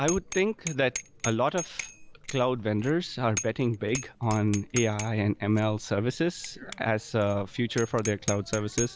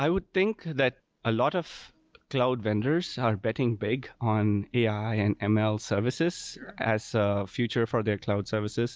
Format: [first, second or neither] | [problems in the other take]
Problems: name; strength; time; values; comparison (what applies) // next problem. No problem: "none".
second | background sound (Bicycle bell); 12 dB below the speech